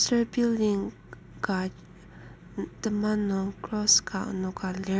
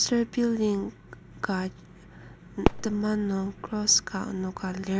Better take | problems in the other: first | background sound (Fireworks); 8 dB below the speech

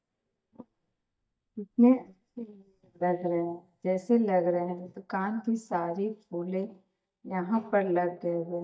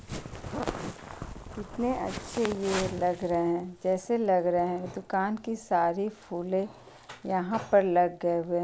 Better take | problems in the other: second | noise reduction (neural mask model DeepFilterNet 3)

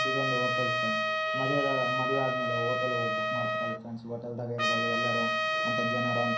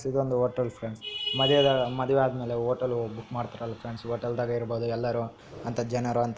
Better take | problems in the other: second | background sound (Trumpet); 4 dB above the speech // room echo; dies away in 0.6 s

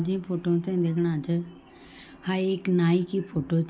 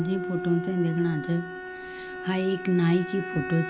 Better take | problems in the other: first | background sound (Bowed string instrument); 9 dB below the speech

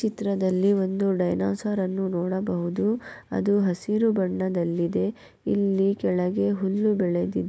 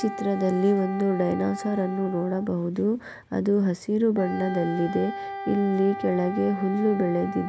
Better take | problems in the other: first | background sound (Wind instrument, woodwind instrument); 11 dB below the speech

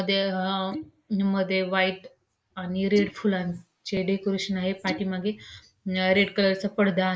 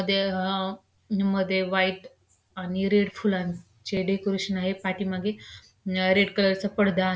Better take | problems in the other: second | noise reduction (neural mask model Resemble Enhance denoiser)

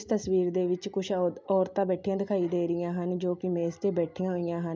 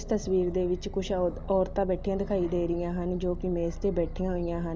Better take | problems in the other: first | background sound (Aircraft); 9 dB below the speech

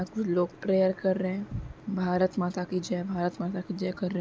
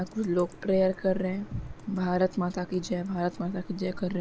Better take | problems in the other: first | background sound (Computer keyboard); 15 dB below the speech

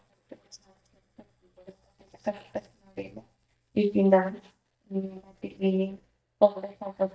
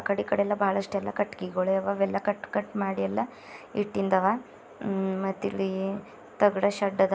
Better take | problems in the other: second | noise reduction (neural mask model DeepFilterNet 3)

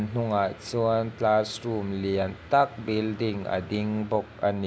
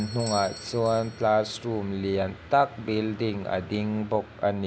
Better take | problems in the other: first | background sound (Bell / Doorbell); 19 dB below the speech

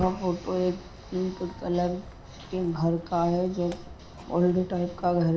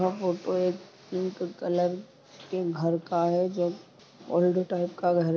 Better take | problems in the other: second | background sound (Walk, footsteps); 16 dB below the speech // room echo; dies away in 0.7 s

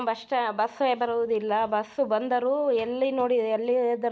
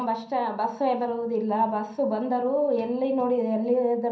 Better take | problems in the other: first | room echo; dies away in 0.6 s

